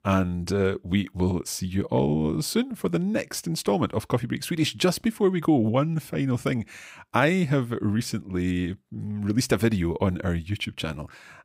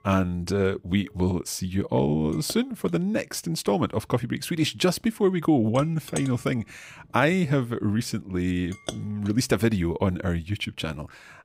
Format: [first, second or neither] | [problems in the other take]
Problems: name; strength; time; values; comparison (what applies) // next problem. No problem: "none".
first | household noises; noticeable; throughout; 20 dB below the speech